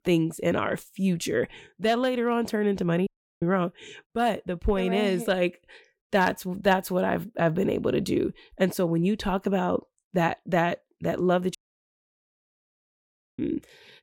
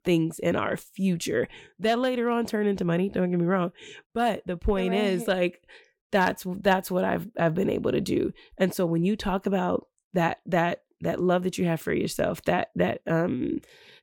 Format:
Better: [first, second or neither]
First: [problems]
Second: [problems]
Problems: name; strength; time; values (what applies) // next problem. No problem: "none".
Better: second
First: audio cutting out; at 3 s and at 12 s for 2 s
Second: none